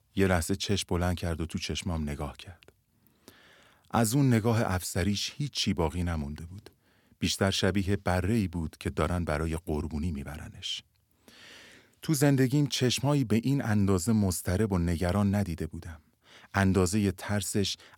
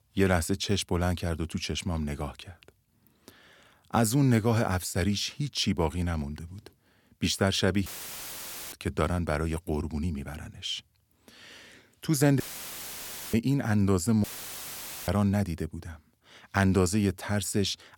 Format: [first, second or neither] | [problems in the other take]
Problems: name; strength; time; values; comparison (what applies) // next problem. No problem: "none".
first | audio cutting out; filled with static; at 8 s for 1 s, at 12 s for 1 s and at 14 s for 1 s